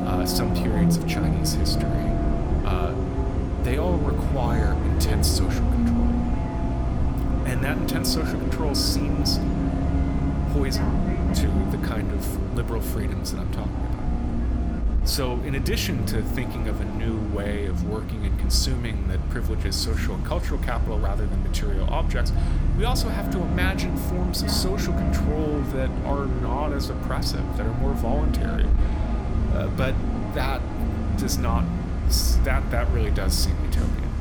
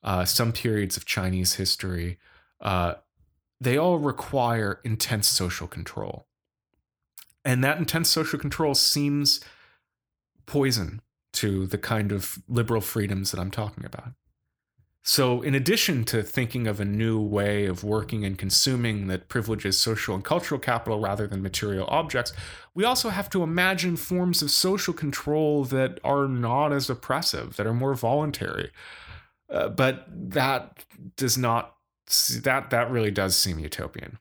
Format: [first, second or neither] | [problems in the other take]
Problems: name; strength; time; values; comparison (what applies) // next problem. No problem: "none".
second | traffic noise; very loud; throughout; 4 dB above the speech